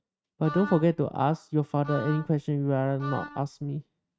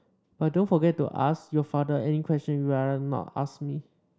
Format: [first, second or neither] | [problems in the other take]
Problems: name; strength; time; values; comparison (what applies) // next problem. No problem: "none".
second | noise reduction (neural mask model RNNoise)